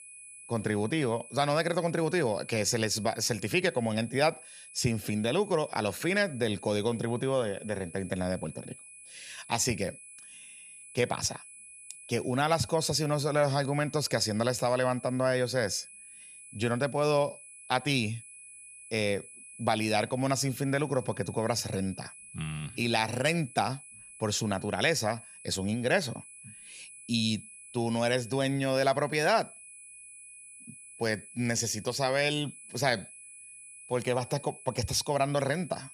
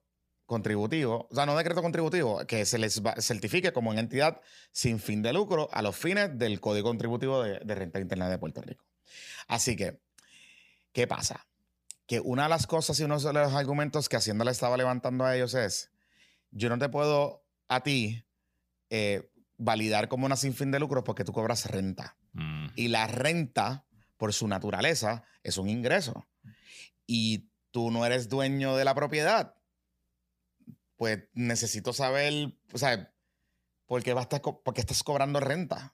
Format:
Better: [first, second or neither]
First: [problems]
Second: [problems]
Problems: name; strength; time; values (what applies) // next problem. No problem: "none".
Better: second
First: high-pitched whine; noticeable; throughout; 10 kHz, 15 dB below the speech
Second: none